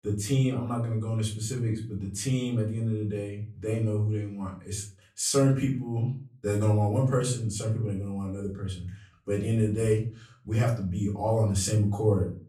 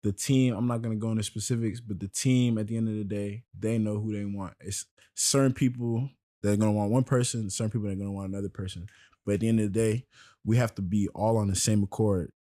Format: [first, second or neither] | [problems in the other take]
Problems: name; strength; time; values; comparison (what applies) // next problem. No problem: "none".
second | off-mic speech; far // room echo; slight; dies away in 0.3 s